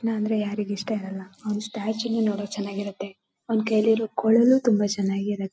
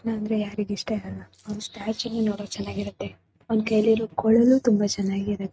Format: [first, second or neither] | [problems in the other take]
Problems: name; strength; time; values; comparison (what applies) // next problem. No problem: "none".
first | noise reduction (neural mask model RNNoise)